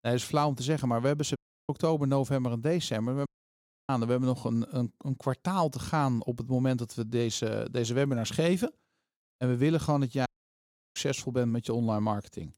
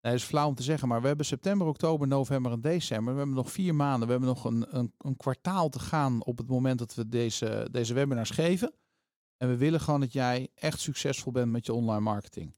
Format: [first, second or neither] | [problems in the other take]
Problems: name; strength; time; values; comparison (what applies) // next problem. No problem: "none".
second | audio cutting out; at 1.5 s, at 3.5 s for 0.5 s and at 10 s for 0.5 s